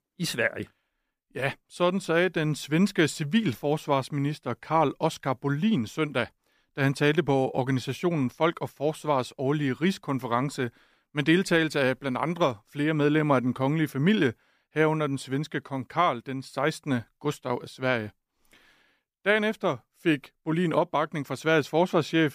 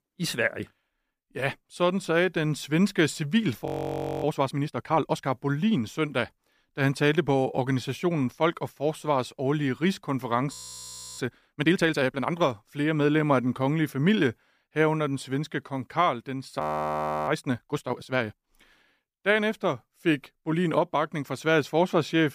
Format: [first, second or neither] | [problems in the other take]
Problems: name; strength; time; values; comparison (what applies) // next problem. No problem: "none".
first | audio freezing; at 3.5 s for 0.5 s, at 11 s for 0.5 s and at 17 s for 0.5 s